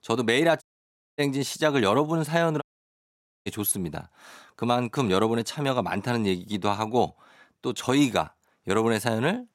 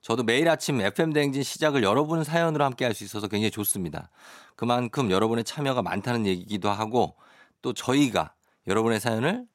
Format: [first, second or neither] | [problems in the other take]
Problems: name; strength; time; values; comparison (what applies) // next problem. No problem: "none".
second | audio cutting out; at 0.5 s for 0.5 s and at 2.5 s for 1 s